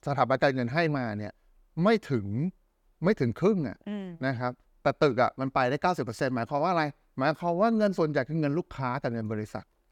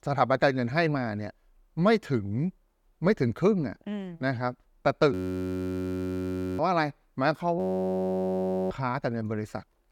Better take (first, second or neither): first